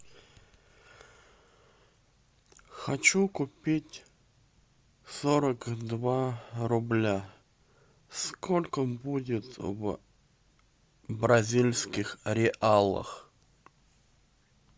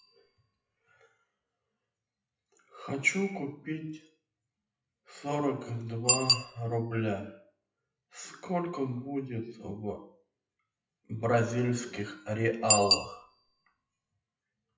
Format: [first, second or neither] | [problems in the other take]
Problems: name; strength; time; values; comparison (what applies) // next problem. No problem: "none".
first | noise reduction (classical method WPE with log-MMSE)